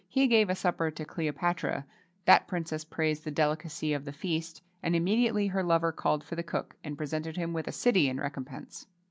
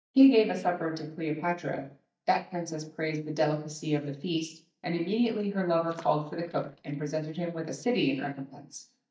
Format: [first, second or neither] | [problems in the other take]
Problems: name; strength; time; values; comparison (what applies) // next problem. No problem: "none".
first | noise reduction (neural mask model DeepFilterNet 3)